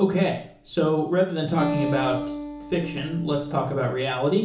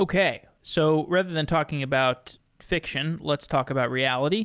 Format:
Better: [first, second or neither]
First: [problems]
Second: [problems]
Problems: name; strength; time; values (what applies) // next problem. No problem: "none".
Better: second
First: background sound (Acoustic guitar); 8 dB below the speech // room echo; dies away in 0.8 s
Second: none